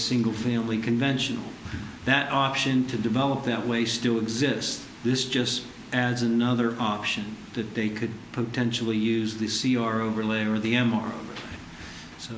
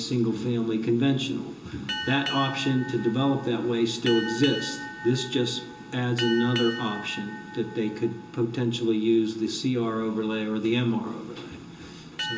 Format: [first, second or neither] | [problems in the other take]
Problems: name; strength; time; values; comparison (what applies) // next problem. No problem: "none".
first | background sound (Boat, Water vehicle); 12 dB below the speech // room echo; dies away in 0.2 s